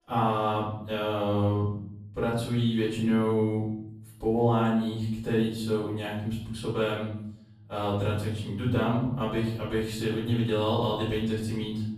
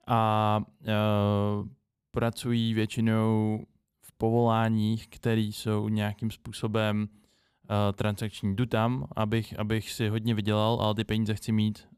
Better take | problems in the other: second | off-mic speech; far // room echo; noticeable; dies away in 0.8 s

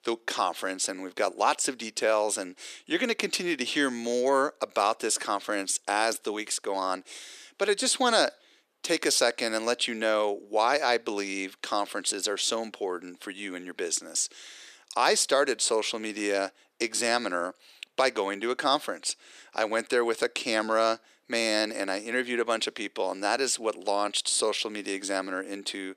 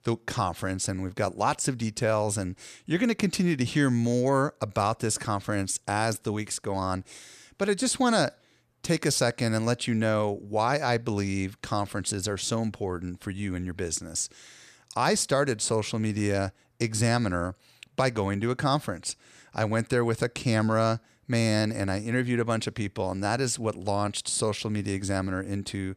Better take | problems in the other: second | thin; somewhat; fading below 300 Hz

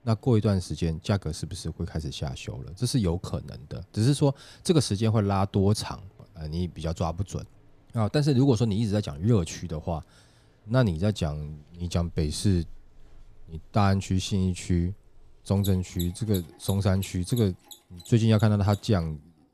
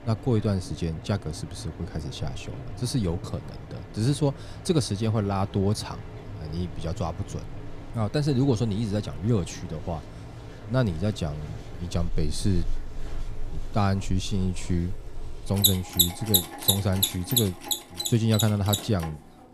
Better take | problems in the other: first | machinery noise; loud; throughout; 2 dB below the speech; faint in the first

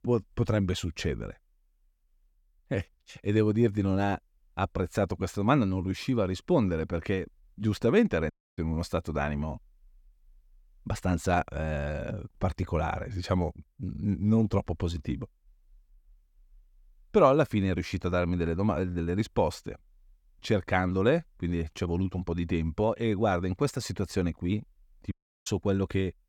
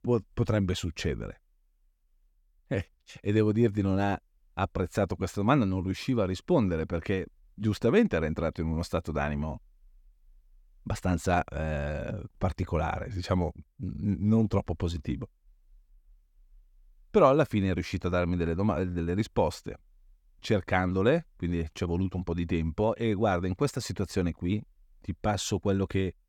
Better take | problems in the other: second | audio cutting out; at 8.5 s and at 25 s

